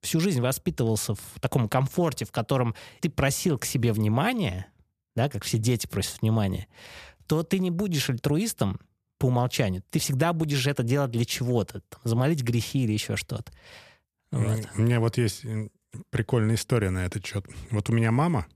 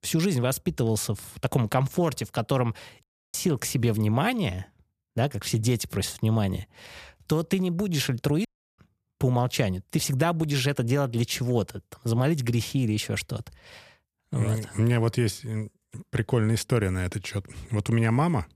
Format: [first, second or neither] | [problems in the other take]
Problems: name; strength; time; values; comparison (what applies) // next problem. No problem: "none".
first | audio cutting out; at 3 s and at 8.5 s